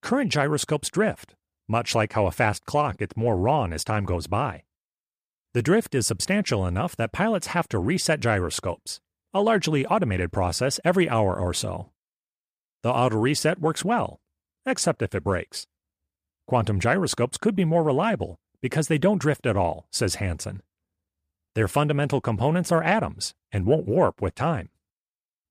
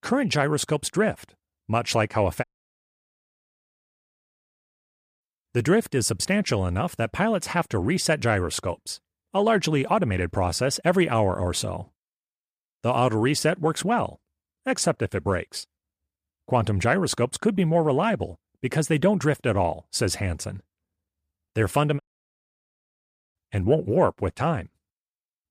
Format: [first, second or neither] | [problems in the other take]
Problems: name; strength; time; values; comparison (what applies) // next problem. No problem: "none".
first | audio cutting out; at 2.5 s for 3 s and at 22 s for 1.5 s